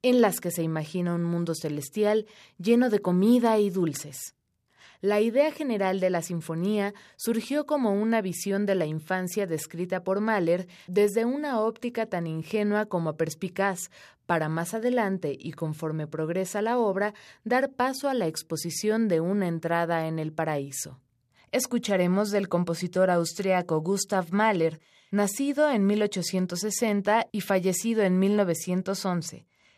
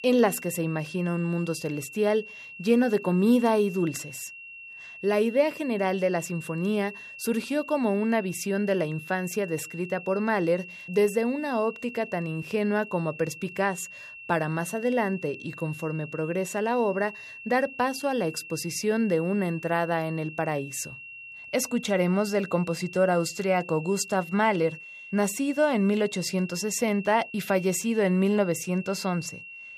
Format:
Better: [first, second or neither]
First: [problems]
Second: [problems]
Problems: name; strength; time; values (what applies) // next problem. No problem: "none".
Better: first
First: none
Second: high-pitched whine; noticeable; throughout; 2.5 kHz, 15 dB below the speech